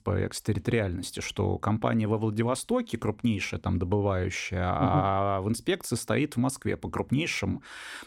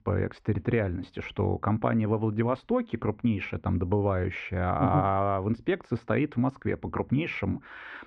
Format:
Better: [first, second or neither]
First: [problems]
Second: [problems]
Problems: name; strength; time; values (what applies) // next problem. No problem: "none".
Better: first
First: none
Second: muffled; very; fading above 2.5 kHz